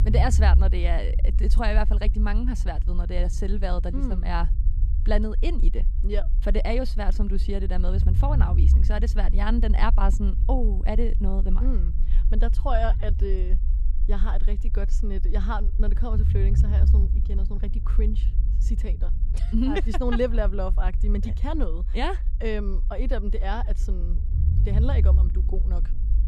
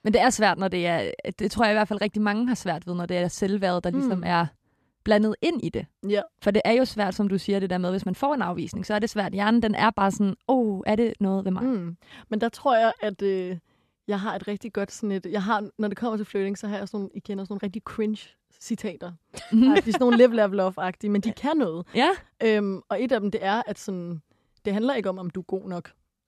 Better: second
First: low rumble; noticeable; throughout; 10 dB below the speech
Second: none

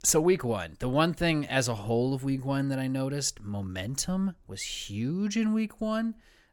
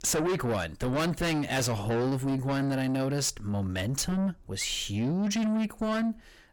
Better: first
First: none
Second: distortion; heavy; 6 dB below the speech

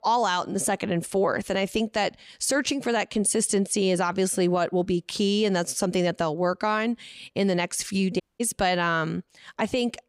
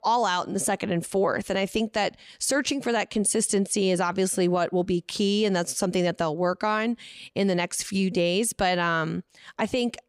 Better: second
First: audio cutting out; at 8 s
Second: none

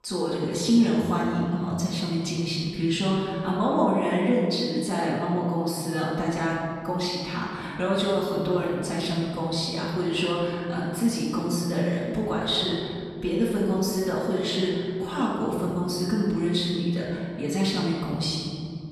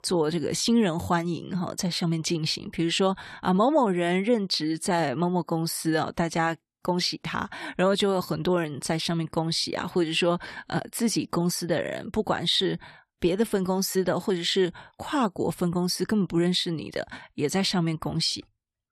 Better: second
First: off-mic speech; far // room echo; noticeable; dies away in 2.7 s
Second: none

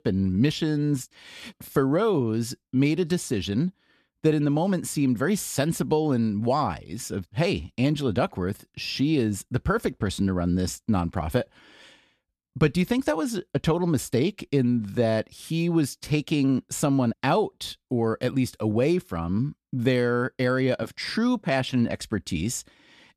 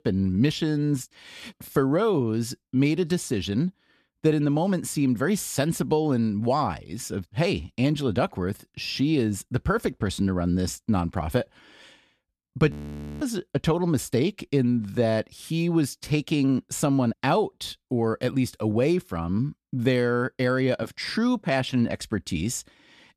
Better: first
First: none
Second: audio freezing; at 13 s for 0.5 s

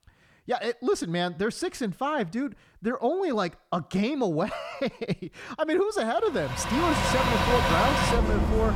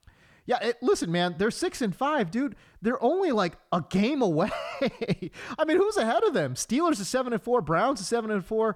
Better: second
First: traffic noise; very loud; from 6.5 s on; 3 dB above the speech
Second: none

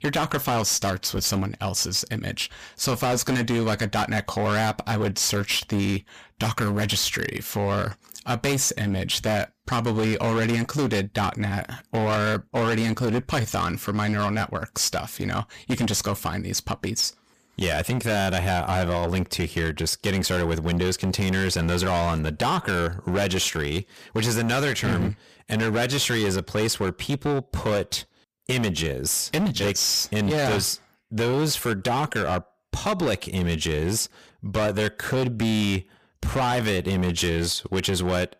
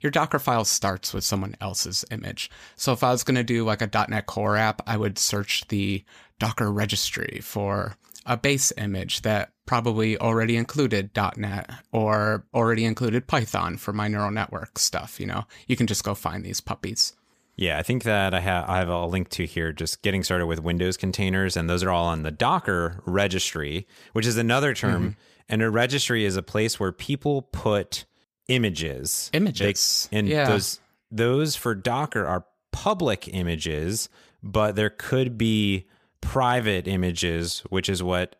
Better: second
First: distortion; heavy; 18% of the sound clipped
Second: none

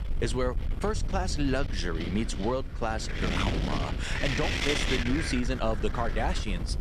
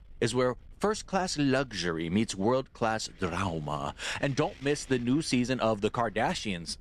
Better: second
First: wind noise on the microphone; heavy; 1 dB below the speech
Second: wind noise on the microphone; occasional gusts; 25 dB below the speech

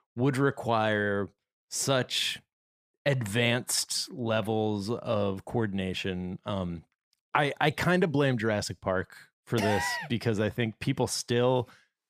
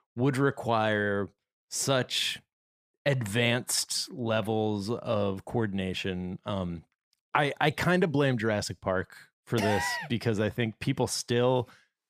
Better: neither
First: none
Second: none

